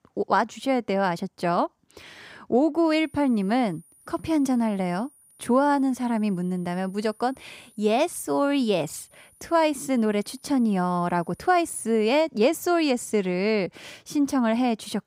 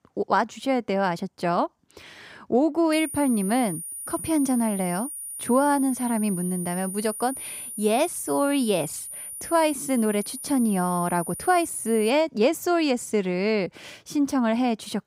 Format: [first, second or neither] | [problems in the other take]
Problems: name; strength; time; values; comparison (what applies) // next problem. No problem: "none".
first | high-pitched whine; loud; from 3 to 12 s; 9.5 kHz, 9 dB below the speech; faint in the first